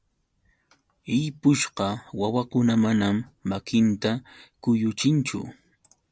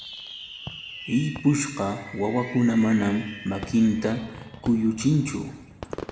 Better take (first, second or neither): first